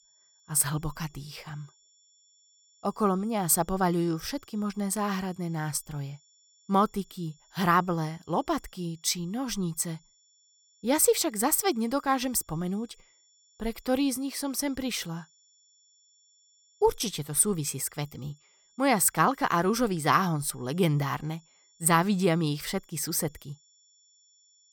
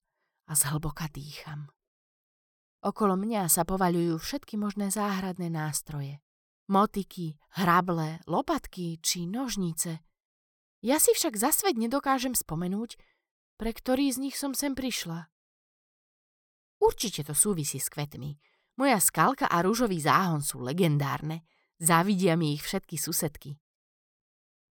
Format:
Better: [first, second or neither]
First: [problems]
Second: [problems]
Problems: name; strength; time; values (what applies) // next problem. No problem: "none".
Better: second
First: high-pitched whine; faint; throughout; 7 kHz, 35 dB below the speech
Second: none